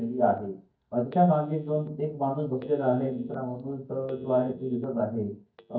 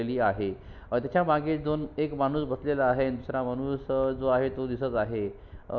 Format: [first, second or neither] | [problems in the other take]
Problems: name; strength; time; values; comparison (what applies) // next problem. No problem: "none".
second | noise reduction (neural mask model DeepFilterNet 3)